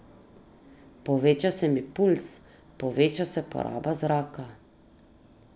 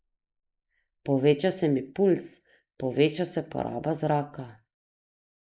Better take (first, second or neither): first